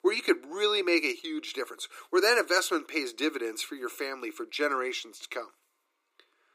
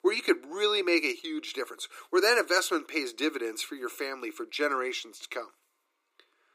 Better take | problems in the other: neither | thin; very; fading below 300 Hz; the same in both

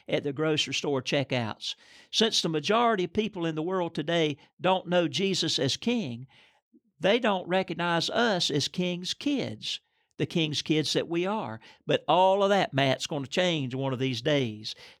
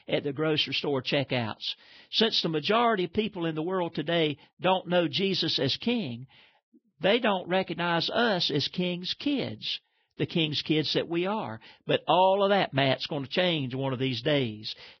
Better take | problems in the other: first | garbled, watery; badly; nothing above 5.5 kHz

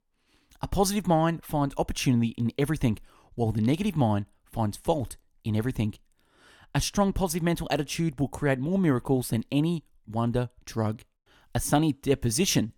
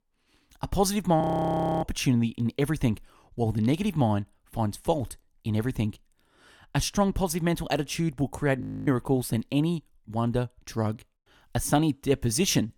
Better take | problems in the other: first | audio freezing; at 1 s for 0.5 s and at 8.5 s

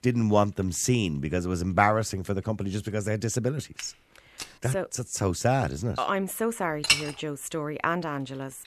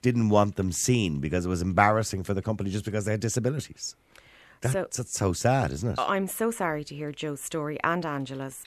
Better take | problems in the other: second | footsteps; faint; at 4 s; peak 15 dB below the speech // clattering dishes; loud; at 7 s; peak 5 dB above the speech

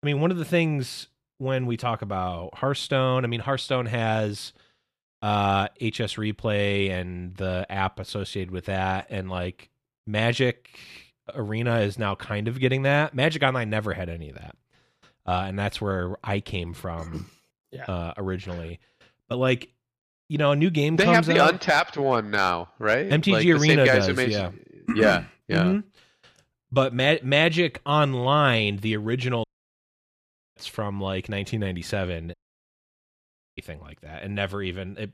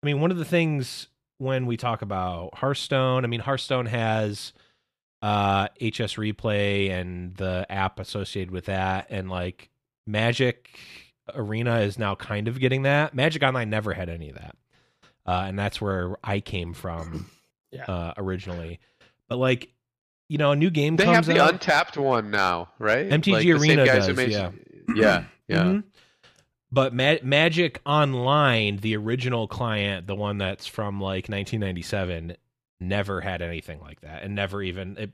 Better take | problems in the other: second | audio cutting out; at 29 s for 1 s and at 32 s for 1 s

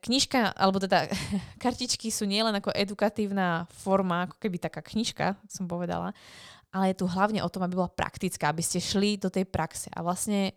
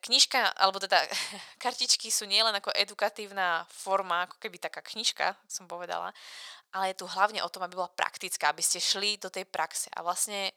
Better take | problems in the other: first | thin; very; fading below 800 Hz

